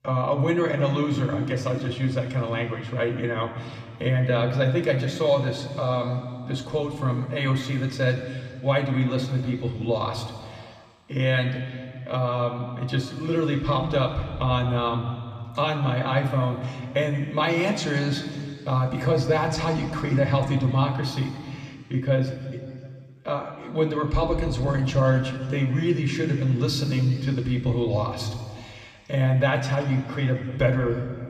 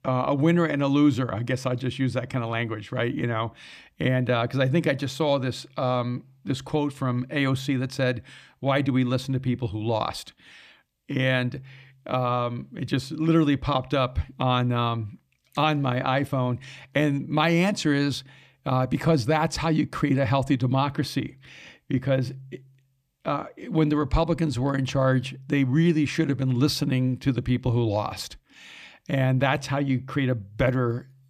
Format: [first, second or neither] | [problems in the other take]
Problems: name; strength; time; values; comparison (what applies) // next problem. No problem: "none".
second | room echo; slight; dies away in 2.2 s // off-mic speech; somewhat distant